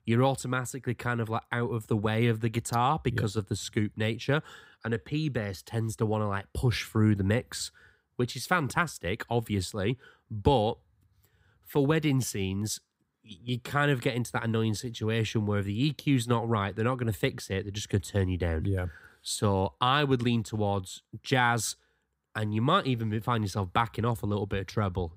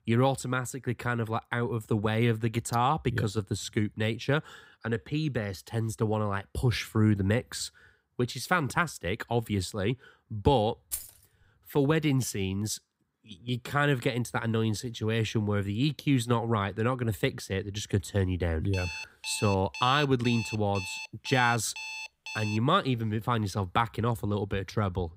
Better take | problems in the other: first | jangling keys; noticeable; at 11 s; peak 7 dB below the speech // alarm; noticeable; from 19 to 23 s; peak 7 dB below the speech

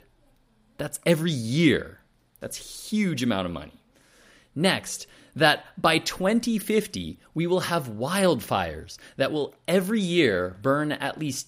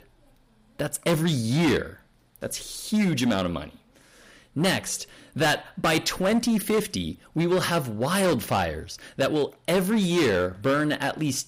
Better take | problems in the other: first | distortion; heavy; 9% of the sound clipped

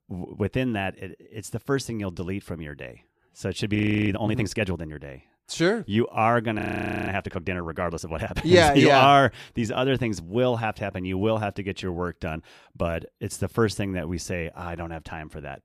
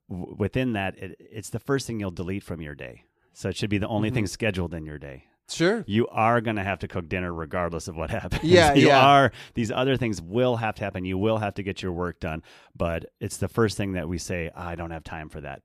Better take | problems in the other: second | audio freezing; at 4 s and at 6.5 s

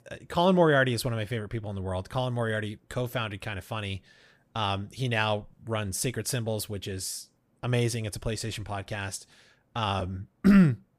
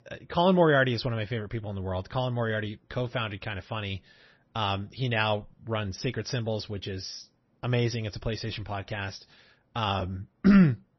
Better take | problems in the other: first | garbled, watery; slightly; nothing above 6 kHz

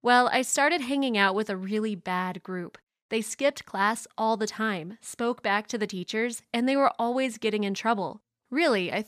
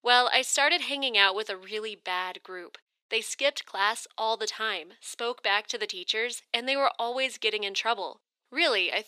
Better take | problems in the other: first | thin; somewhat; fading below 350 Hz

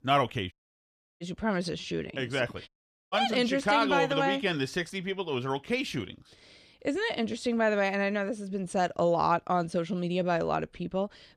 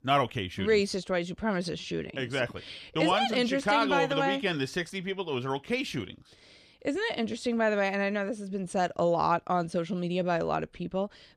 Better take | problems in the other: second | audio cutting out; at 0.5 s for 0.5 s and at 2.5 s

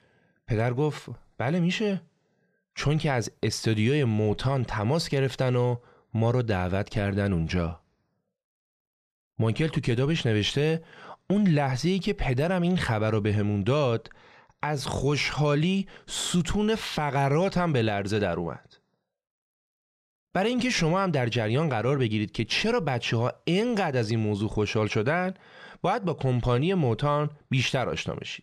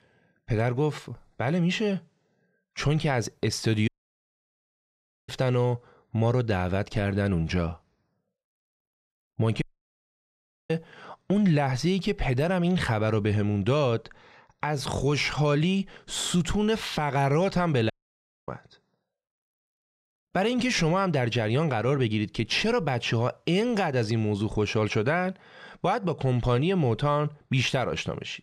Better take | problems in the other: first | audio cutting out; at 4 s for 1.5 s, at 9.5 s for 1 s and at 18 s for 0.5 s

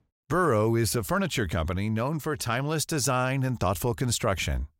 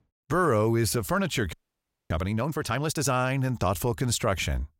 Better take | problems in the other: first | audio freezing; at 1.5 s for 0.5 s

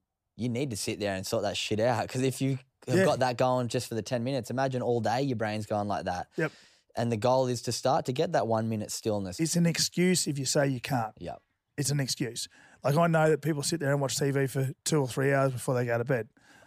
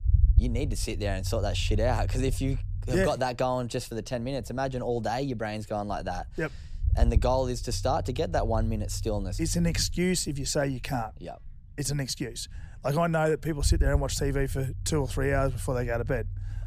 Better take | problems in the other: first | low rumble; noticeable; throughout; 20 dB below the speech

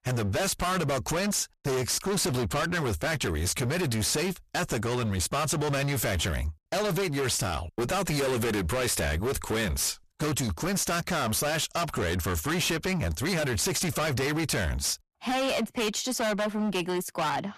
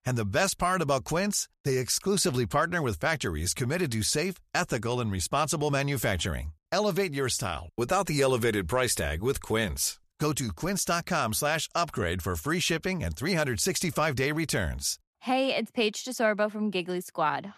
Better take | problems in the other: second | distortion; heavy; 35% of the sound clipped

